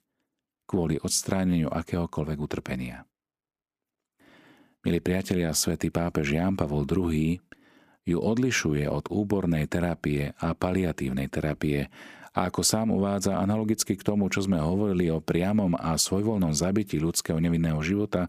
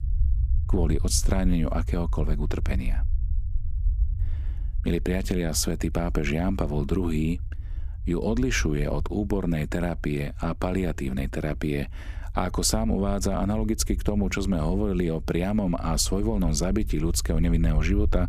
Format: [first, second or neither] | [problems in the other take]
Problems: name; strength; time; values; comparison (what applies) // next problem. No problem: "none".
first | low rumble; faint; throughout; 20 dB below the speech